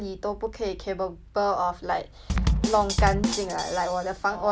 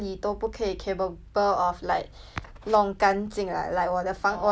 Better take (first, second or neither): second